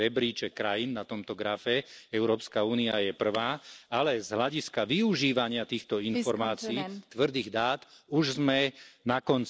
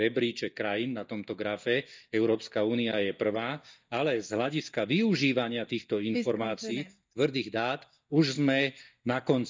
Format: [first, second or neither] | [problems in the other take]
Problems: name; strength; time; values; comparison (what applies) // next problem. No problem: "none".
first | noise reduction (neural mask model DeepFilterNet 3)